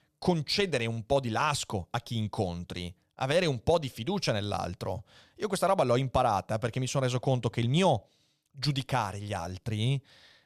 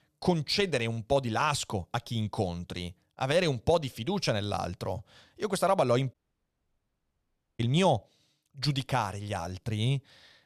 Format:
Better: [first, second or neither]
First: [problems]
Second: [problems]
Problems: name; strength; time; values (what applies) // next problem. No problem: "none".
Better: first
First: none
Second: audio cutting out; at 6 s for 1.5 s